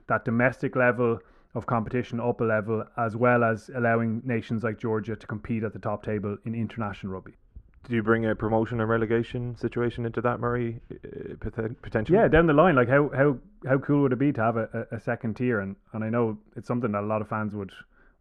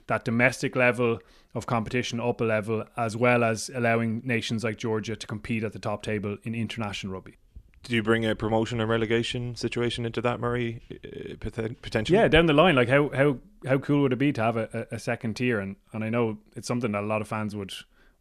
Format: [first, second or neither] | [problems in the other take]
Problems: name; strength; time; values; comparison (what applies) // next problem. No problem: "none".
second | muffled; very; fading above 2.5 kHz